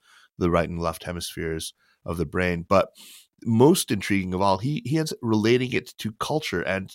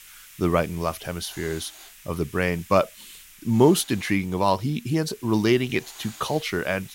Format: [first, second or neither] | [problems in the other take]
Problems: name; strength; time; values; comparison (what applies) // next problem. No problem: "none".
first | hiss; noticeable; throughout; 20 dB below the speech